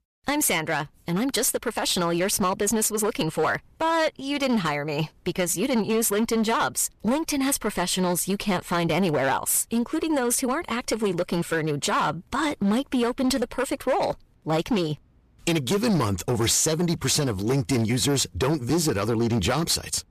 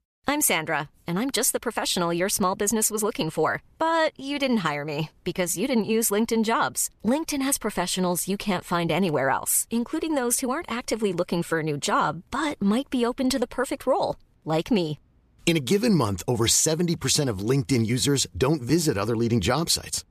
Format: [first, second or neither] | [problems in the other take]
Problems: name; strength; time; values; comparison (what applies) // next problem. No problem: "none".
second | distortion; slight; 12% of the sound clipped